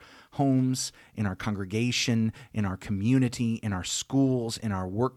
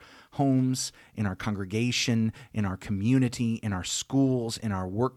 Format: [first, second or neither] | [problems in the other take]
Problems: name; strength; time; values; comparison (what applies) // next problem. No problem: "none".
neither | none